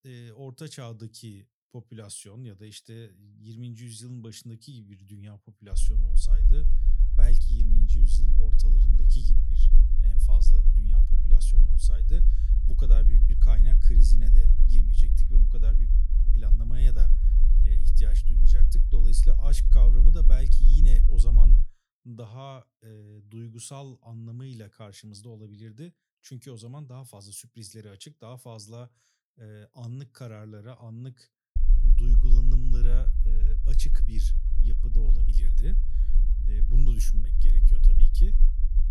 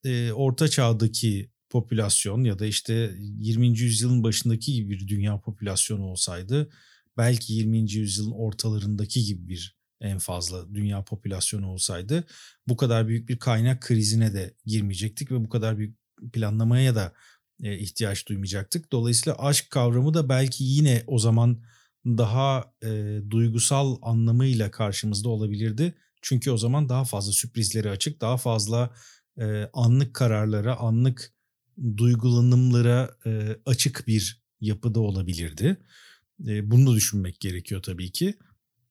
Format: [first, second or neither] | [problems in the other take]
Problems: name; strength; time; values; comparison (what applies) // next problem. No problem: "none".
second | low rumble; loud; from 5.5 to 22 s and from 32 s on; 3 dB below the speech